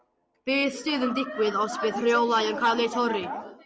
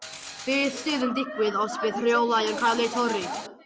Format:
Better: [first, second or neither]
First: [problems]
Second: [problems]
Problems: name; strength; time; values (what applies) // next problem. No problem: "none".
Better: first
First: none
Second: background sound (Mechanisms); 14 dB below the speech